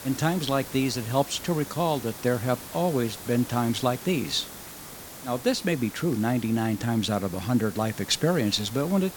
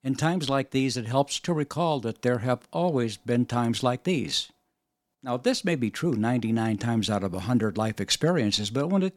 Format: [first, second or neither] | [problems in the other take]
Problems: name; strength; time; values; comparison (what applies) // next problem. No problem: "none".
second | hiss; noticeable; throughout; 15 dB below the speech